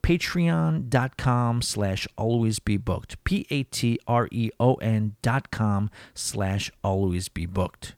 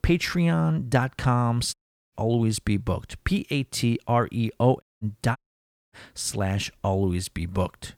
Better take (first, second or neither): first